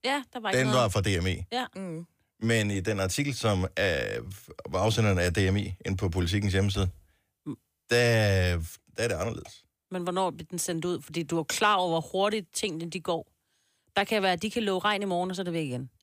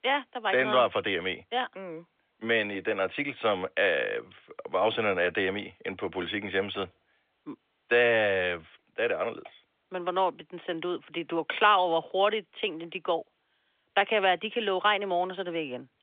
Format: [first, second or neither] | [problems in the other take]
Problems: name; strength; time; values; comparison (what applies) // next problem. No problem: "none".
first | phone-call audio; nothing above 3.5 kHz